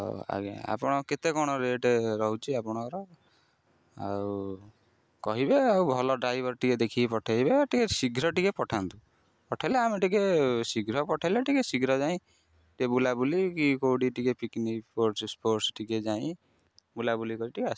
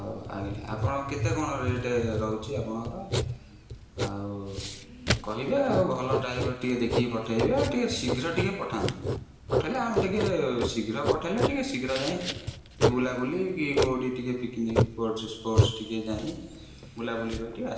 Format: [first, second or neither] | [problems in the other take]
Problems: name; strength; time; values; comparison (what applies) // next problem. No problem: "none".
first | background sound (Writing); 1 dB below the speech // room echo; dies away in 1.1 s